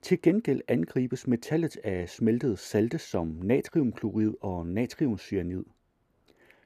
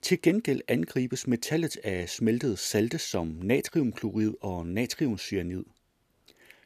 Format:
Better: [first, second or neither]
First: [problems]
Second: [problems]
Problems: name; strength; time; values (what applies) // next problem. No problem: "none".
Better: second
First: muffled; slightly; fading above 2 kHz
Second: none